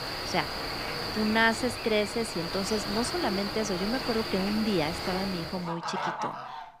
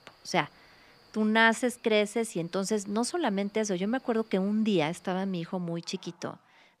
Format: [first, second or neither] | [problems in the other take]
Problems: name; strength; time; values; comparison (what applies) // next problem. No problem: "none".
second | animal sounds; loud; throughout; 3 dB below the speech; faint in the second